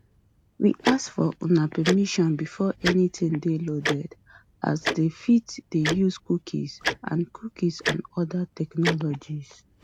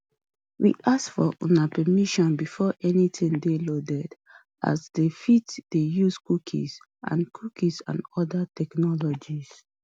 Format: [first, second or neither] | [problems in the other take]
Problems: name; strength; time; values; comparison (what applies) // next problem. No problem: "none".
second | background sound (Tick-tock); 8 dB below the speech